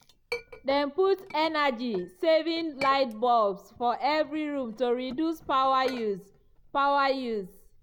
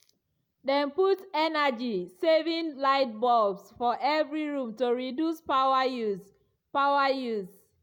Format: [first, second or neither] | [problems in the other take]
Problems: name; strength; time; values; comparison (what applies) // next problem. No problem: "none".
second | background sound (Chink, clink); 19 dB below the speech